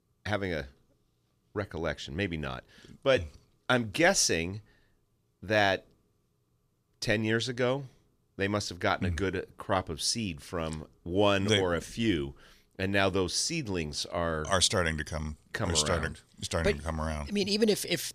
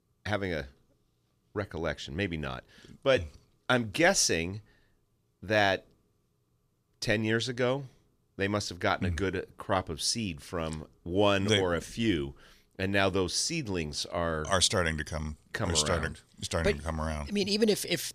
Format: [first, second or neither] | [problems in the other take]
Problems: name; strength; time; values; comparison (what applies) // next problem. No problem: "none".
neither | none